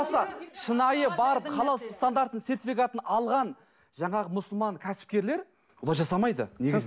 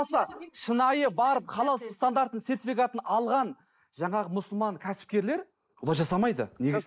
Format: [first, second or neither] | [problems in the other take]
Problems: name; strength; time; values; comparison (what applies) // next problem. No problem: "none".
first | noise reduction (neural mask model Resemble Enhance denoiser)